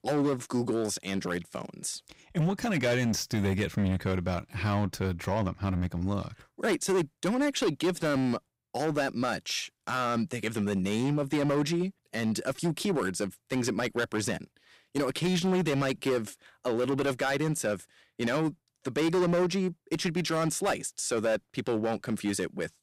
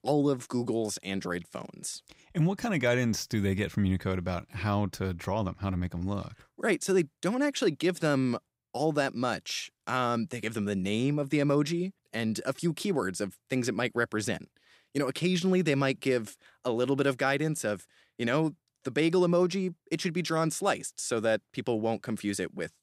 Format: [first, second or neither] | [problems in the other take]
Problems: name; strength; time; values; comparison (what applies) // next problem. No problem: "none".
second | distortion; slight; 10% of the sound clipped